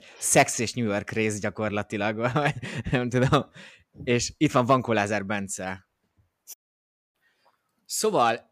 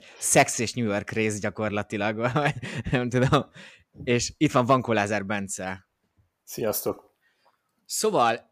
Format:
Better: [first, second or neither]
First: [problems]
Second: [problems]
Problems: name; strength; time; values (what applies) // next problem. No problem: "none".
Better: second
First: audio cutting out; at 6.5 s for 0.5 s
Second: none